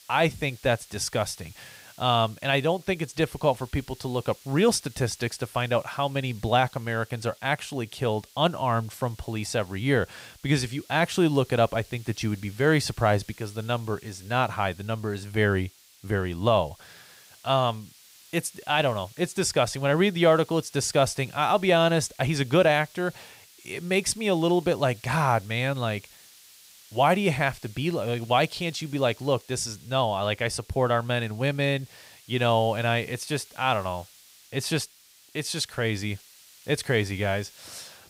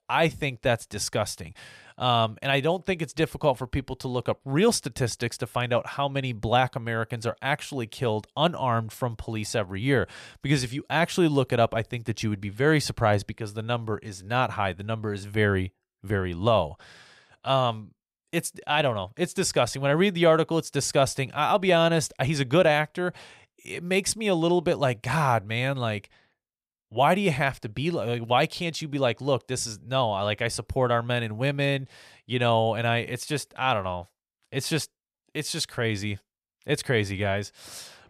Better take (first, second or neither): second